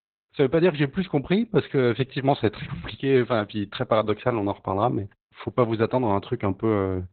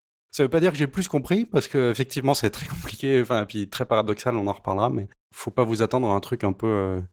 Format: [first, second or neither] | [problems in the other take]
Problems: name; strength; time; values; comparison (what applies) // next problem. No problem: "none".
second | garbled, watery; badly; nothing above 4 kHz; slightly in the second